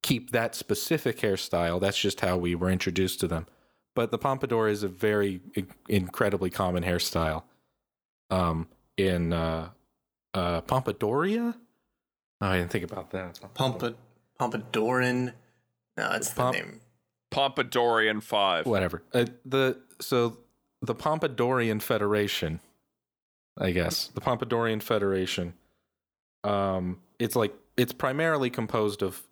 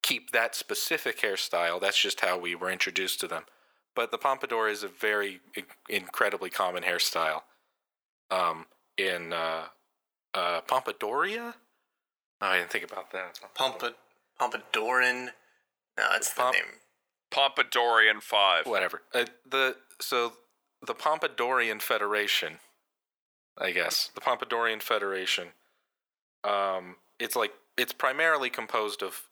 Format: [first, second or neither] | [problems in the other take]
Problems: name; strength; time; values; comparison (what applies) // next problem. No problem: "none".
first | thin; very; fading below 600 Hz